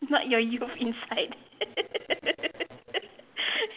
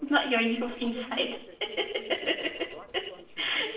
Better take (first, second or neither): first